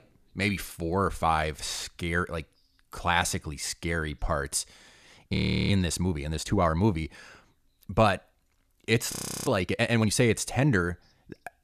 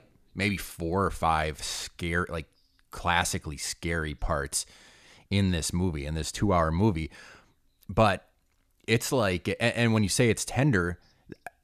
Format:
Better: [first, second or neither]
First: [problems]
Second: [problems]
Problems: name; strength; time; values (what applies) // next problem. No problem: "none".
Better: second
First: audio freezing; at 5.5 s and at 9 s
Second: none